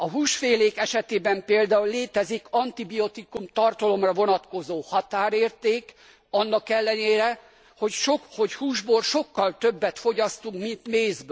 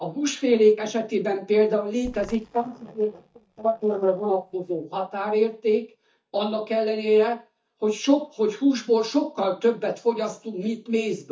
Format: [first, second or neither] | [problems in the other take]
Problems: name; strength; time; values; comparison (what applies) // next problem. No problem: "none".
first | noise reduction (neural mask model DeepFilterNet 3)